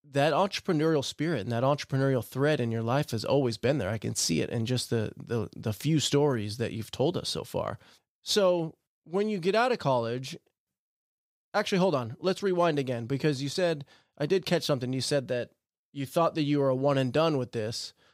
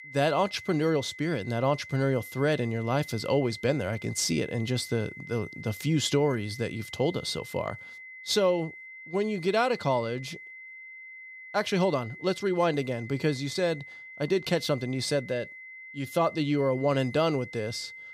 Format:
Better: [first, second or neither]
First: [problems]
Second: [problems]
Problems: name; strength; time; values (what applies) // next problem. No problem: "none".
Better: first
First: none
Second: high-pitched whine; noticeable; throughout; 2 kHz, 15 dB below the speech